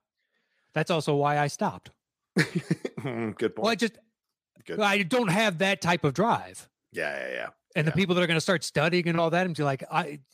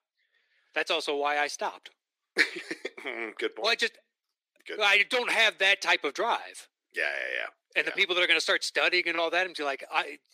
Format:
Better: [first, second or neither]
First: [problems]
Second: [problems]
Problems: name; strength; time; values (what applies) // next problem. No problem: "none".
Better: first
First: none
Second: thin; very; fading below 300 Hz